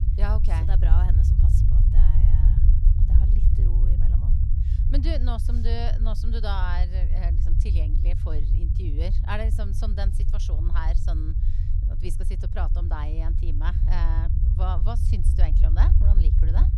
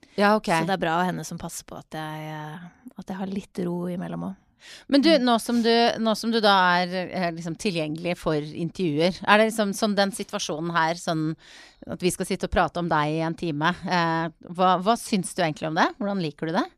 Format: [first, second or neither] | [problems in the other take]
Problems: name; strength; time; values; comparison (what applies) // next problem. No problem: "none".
second | low rumble; loud; throughout; 4 dB below the speech